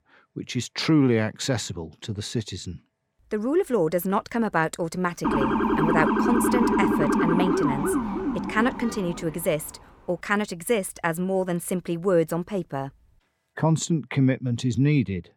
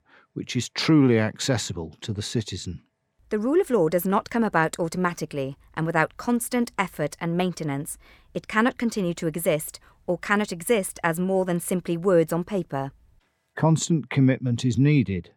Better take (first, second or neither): second